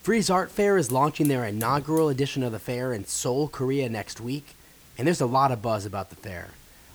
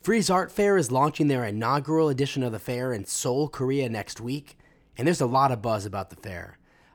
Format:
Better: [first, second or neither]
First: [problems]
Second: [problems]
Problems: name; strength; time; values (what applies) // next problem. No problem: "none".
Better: second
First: hiss; noticeable; throughout; 20 dB below the speech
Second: none